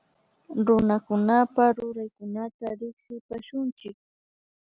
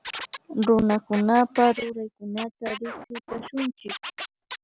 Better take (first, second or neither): first